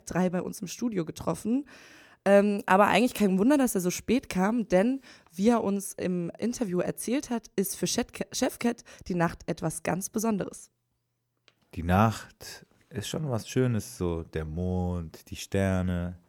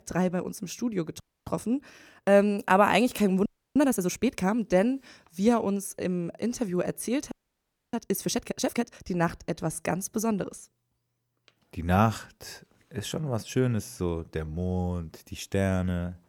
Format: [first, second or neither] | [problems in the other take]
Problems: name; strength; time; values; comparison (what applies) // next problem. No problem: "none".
first | audio freezing; at 1 s, at 3.5 s and at 7.5 s for 0.5 s